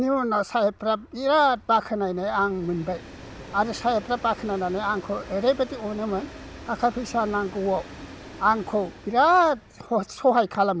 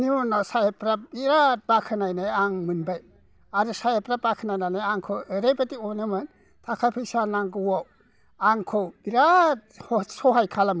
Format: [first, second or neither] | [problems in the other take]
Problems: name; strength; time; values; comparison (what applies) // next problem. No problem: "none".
second | background sound (Train); 18 dB below the speech